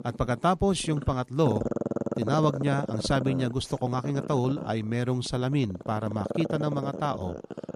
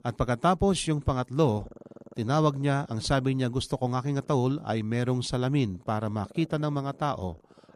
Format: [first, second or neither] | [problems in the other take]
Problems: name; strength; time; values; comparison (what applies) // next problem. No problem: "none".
second | animal sounds; loud; throughout; 7 dB below the speech; faint in the second